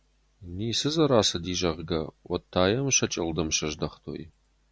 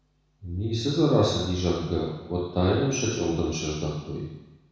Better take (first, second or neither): first